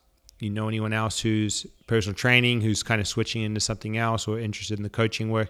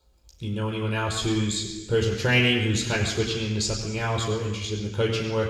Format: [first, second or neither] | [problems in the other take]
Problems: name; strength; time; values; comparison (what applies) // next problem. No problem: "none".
first | room echo; noticeable; dies away in 1.2 s // off-mic speech; somewhat distant